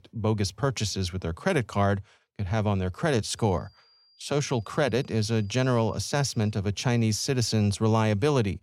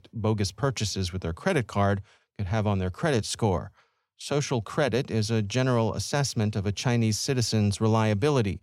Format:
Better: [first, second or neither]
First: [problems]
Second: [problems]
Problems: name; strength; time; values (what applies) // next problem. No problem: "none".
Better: second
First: high-pitched whine; faint; from 3.5 to 6.5 s; 5 kHz, 35 dB below the speech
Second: none